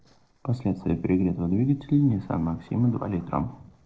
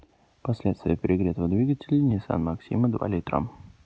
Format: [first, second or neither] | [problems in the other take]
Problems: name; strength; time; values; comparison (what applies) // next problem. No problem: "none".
second | noise reduction (neural separator model SepFormer DNS4)